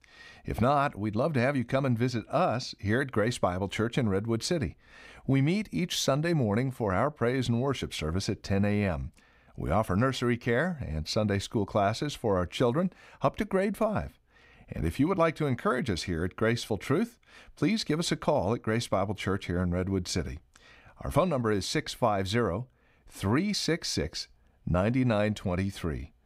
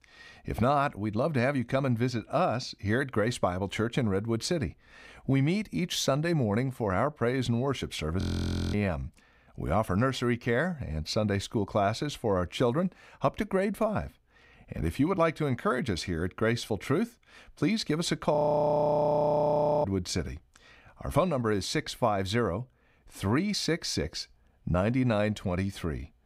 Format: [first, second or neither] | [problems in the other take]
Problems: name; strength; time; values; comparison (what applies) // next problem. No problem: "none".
first | audio freezing; at 8 s for 0.5 s and at 18 s for 1.5 s